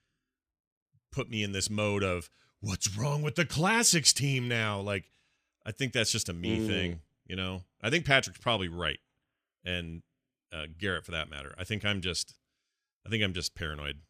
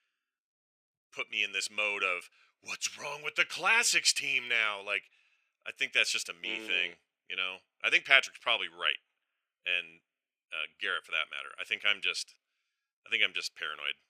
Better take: first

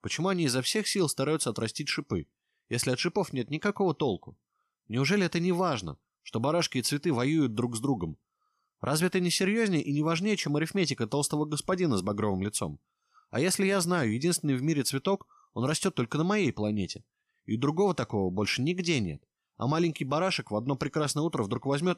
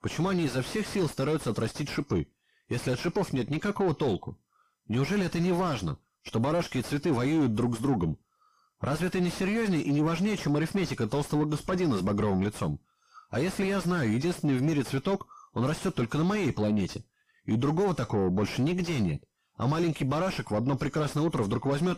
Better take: first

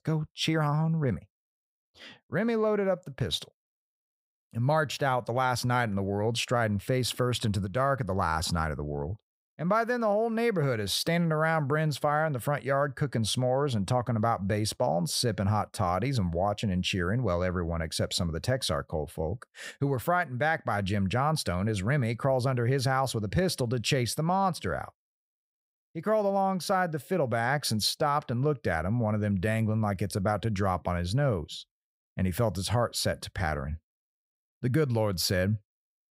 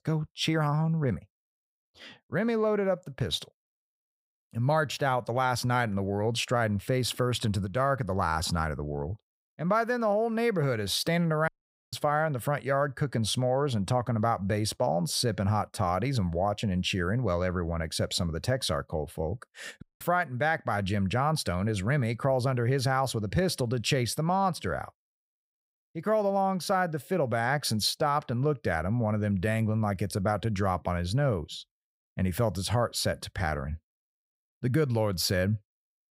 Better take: first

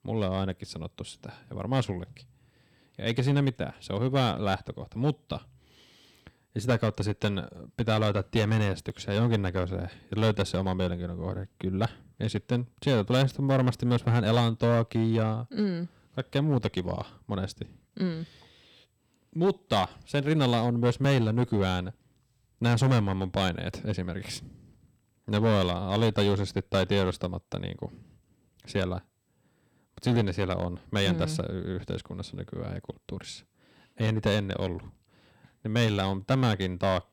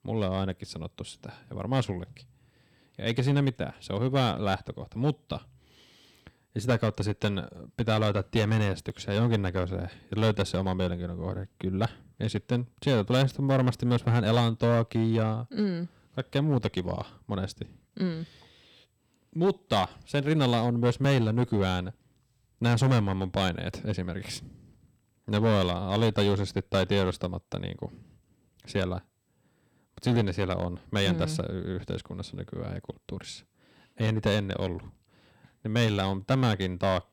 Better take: neither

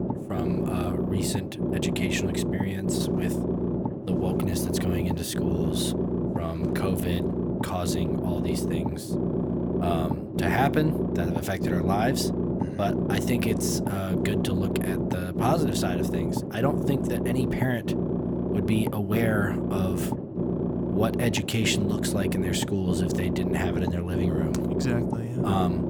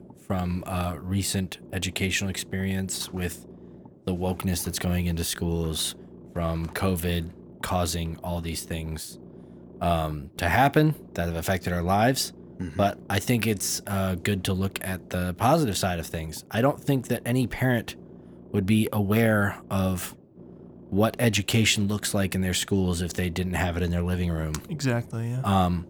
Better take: second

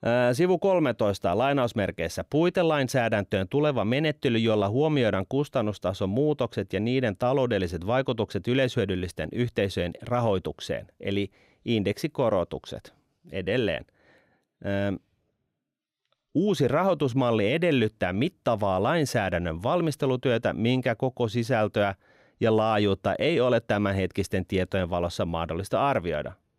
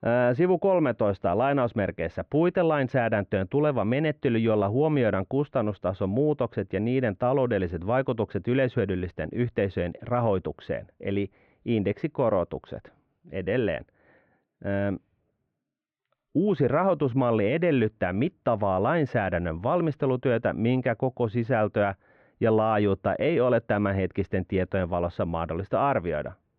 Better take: first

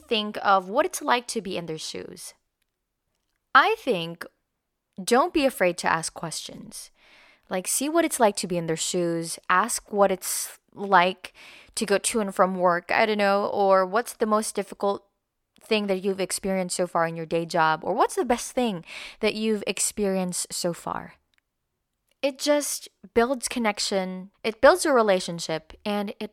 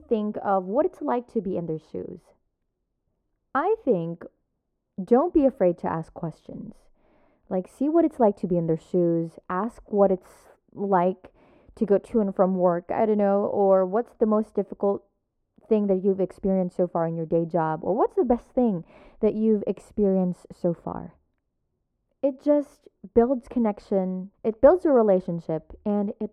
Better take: first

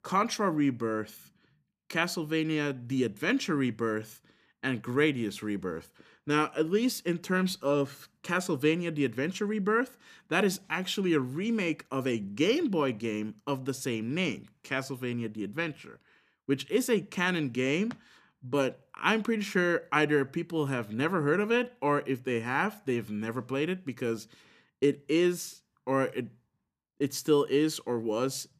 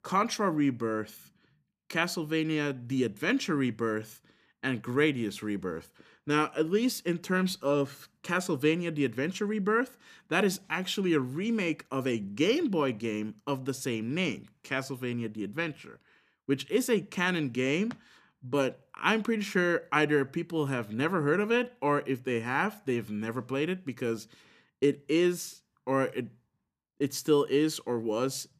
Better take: neither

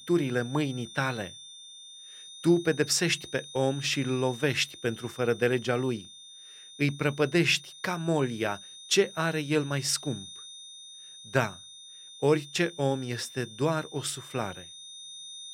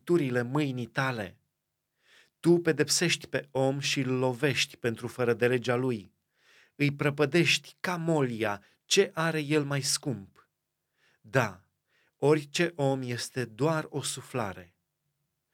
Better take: second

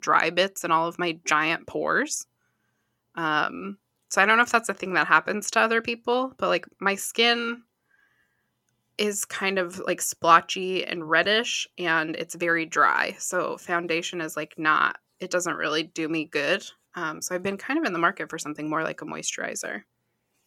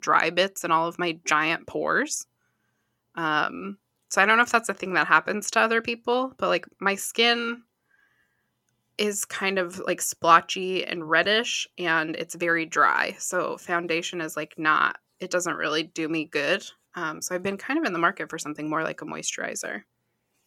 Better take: neither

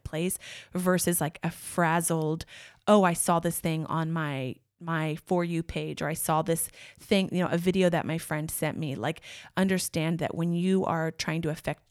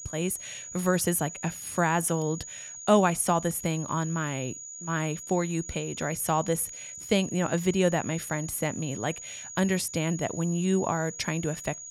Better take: first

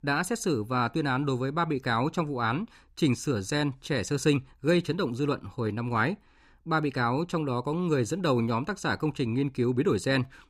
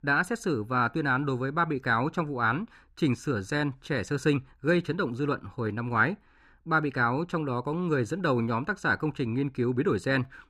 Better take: first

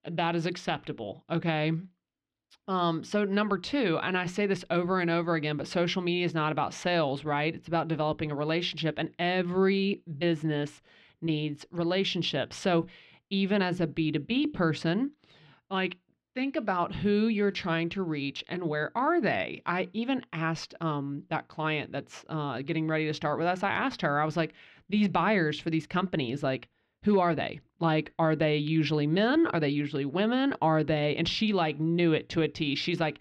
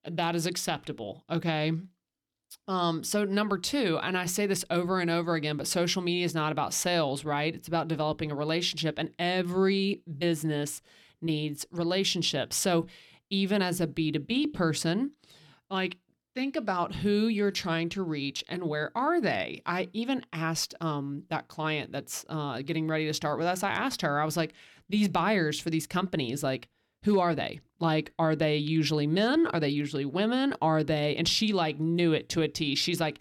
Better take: second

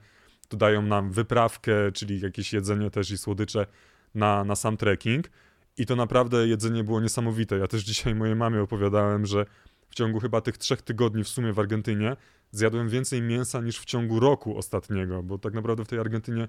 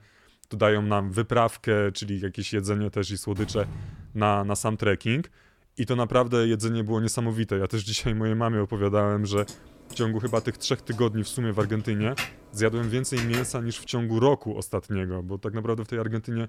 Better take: first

